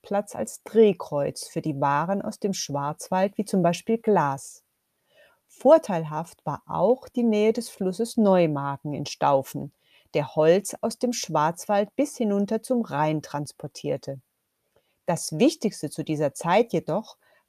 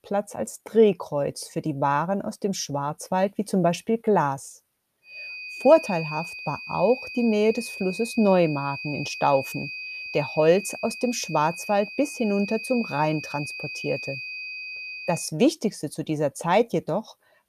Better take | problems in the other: first | high-pitched whine; loud; from 5 to 15 s; 2.5 kHz, 9 dB below the speech

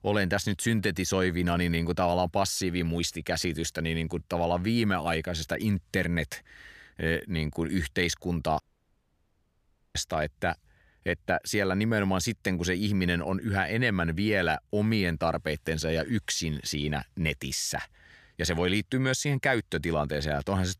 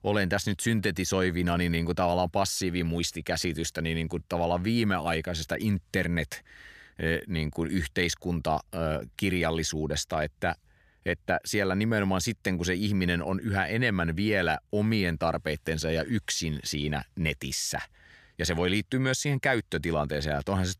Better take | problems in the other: second | audio cutting out; at 8.5 s for 1.5 s

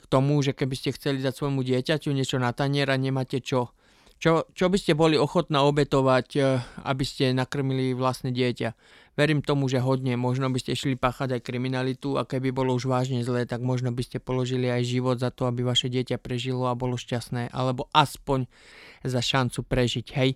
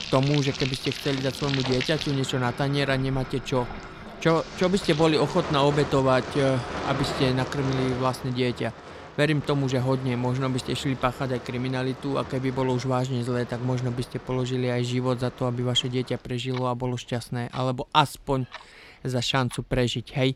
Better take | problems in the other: first | household noises; noticeable; throughout; 10 dB below the speech

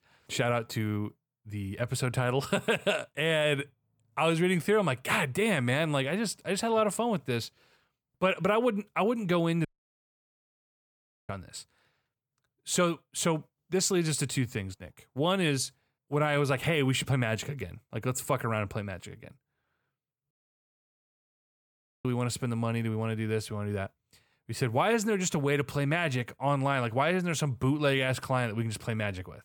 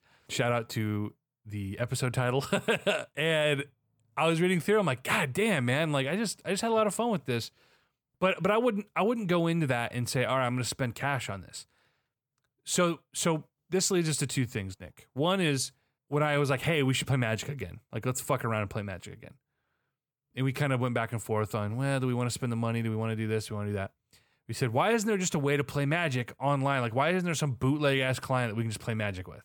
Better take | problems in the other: second | audio cutting out; at 9.5 s for 1.5 s and at 20 s for 1.5 s

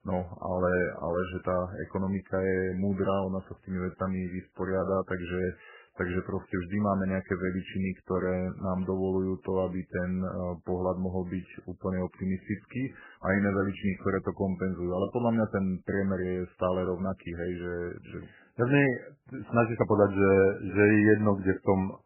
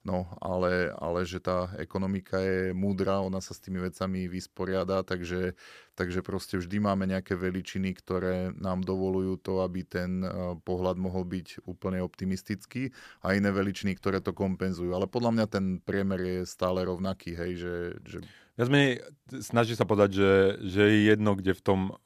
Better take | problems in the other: second | garbled, watery; badly; nothing above 3 kHz

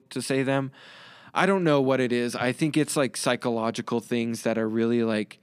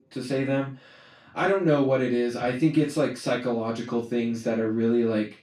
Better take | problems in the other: first | room echo; slight; dies away in 0.3 s // off-mic speech; far

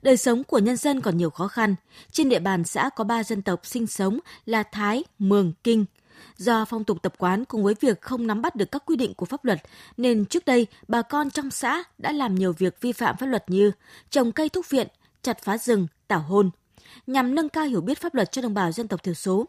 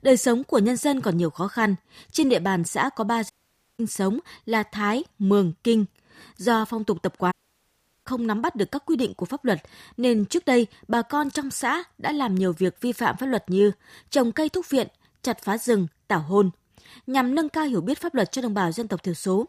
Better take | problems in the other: first | audio cutting out; at 3.5 s and at 7.5 s for 0.5 s

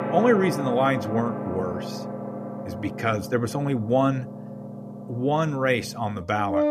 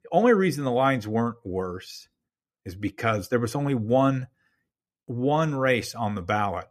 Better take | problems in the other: second | background music; loud; throughout; 8 dB below the speech

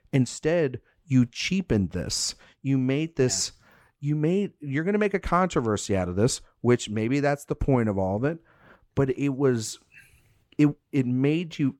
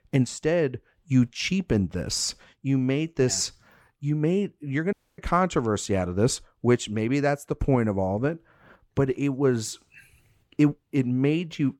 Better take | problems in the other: first | audio cutting out; at 5 s

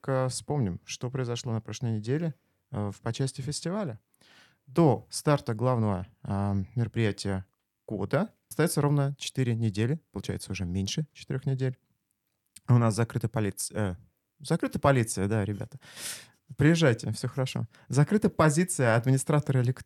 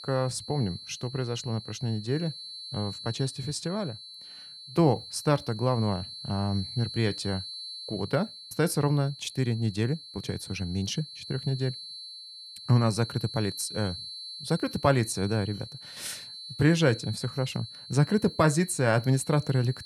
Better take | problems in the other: first | high-pitched whine; noticeable; throughout; 4 kHz, 10 dB below the speech

